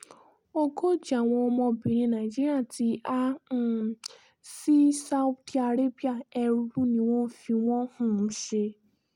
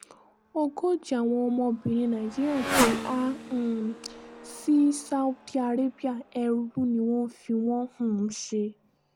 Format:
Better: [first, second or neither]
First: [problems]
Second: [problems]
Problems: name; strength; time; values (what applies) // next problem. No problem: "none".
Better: first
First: none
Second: background sound (Motorcycle); 8 dB below the speech